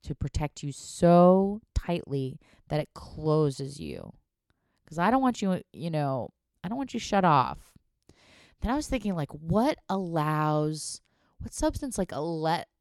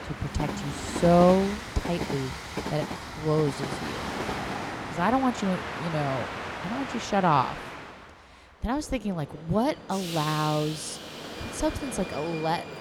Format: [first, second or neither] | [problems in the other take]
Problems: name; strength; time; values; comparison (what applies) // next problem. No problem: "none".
first | train or aircraft noise; loud; throughout; 7 dB below the speech